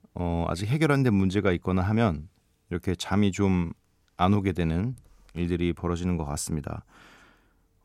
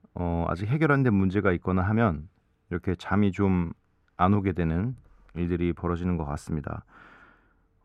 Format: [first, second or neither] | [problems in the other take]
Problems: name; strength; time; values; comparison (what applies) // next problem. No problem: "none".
first | muffled; very; fading above 3.5 kHz